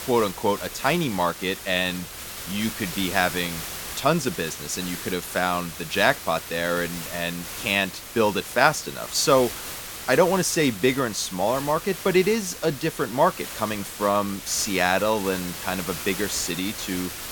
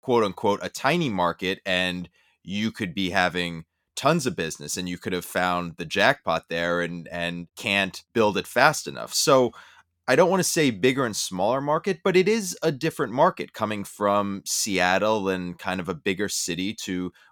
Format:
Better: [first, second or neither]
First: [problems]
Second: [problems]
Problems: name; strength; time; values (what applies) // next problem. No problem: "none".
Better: second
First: hiss; loud; throughout; 9 dB below the speech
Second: none